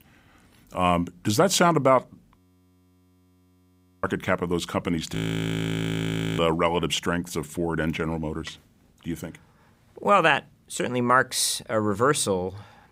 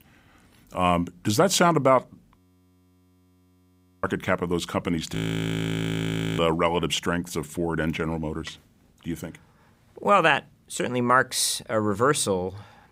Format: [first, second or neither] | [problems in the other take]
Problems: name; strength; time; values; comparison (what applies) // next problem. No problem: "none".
neither | audio freezing; at 2.5 s for 1.5 s and at 5 s for 1 s; the same in both